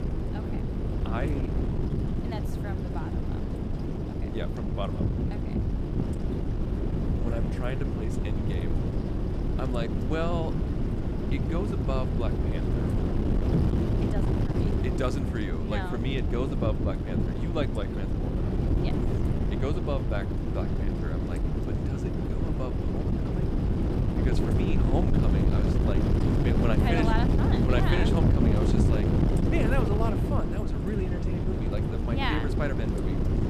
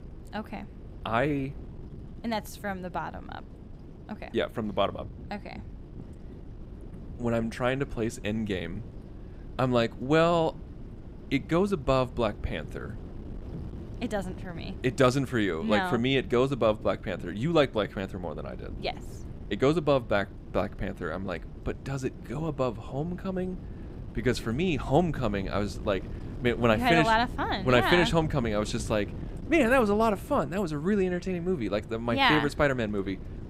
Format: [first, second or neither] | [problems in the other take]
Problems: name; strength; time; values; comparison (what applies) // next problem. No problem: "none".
second | wind noise on the microphone; heavy; as loud as the speech; occasional gusts in the second